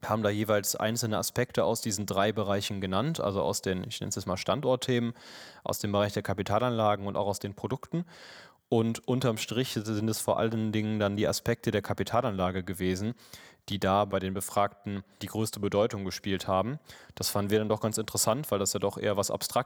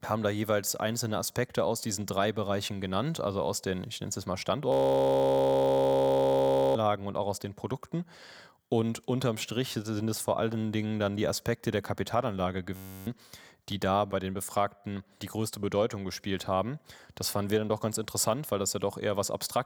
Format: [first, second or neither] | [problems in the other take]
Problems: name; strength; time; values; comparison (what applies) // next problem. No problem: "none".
first | audio freezing; at 4.5 s for 2 s and at 13 s